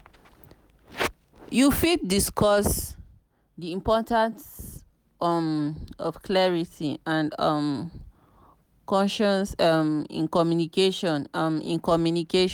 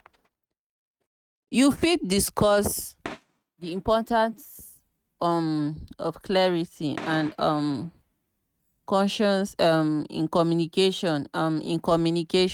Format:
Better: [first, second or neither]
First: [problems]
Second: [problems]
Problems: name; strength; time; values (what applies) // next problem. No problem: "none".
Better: first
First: none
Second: noise reduction (neural mask model RNNoise)